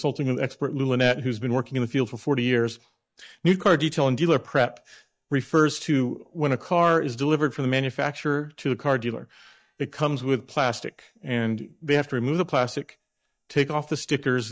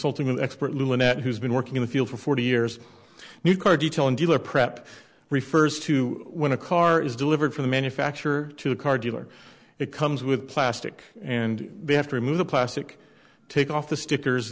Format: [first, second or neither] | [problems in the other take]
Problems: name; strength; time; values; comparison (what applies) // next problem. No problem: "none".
second | noise reduction (neural mask model DeepFilterNet 3)